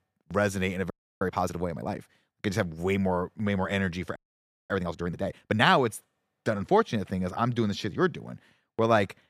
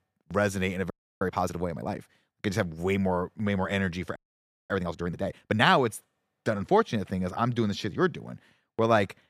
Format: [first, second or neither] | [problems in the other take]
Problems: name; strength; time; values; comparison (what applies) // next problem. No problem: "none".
neither | audio freezing; at 1 s and at 4 s for 0.5 s; the same in both